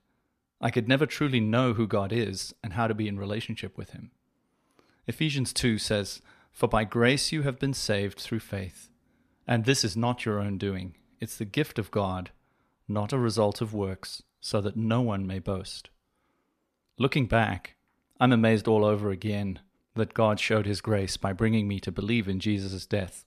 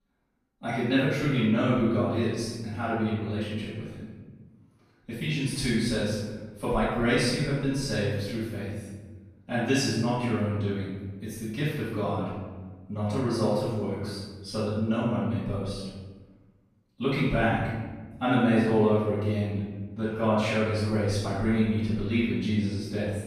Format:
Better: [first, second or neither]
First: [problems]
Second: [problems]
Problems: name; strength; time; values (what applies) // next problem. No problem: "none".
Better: first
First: none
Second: room echo; strong; dies away in 1.3 s // off-mic speech; far